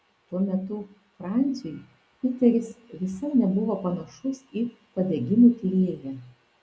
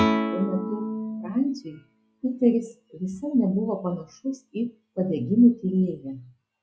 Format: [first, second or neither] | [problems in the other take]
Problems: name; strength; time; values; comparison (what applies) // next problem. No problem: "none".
first | noise reduction (classical method log-MMSE)